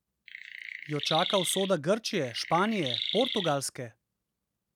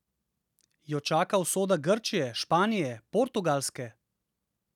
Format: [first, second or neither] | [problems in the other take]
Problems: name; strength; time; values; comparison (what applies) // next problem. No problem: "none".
second | background sound (Chirp, tweet); 5 dB below the speech